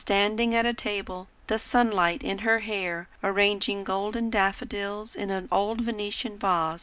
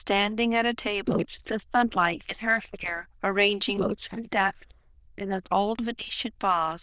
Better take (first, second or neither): first